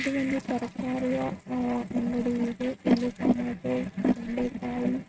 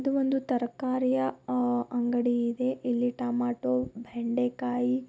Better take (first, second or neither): second